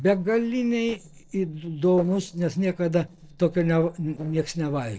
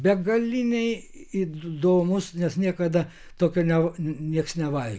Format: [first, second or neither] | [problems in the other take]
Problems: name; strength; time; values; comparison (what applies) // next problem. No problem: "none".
second | noise reduction (neural separator model SepFormer DNS4)